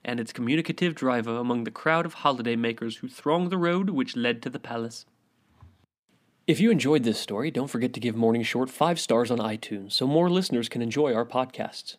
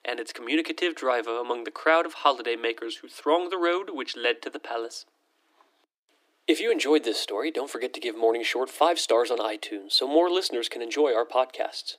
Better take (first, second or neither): first